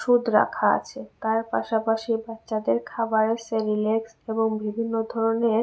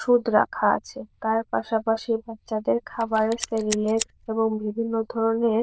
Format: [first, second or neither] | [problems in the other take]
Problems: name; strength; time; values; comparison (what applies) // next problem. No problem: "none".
first | noise reduction (neural diffusion model UNIVERSE++)